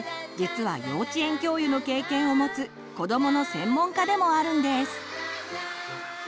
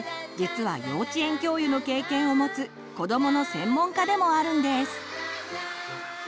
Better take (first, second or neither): second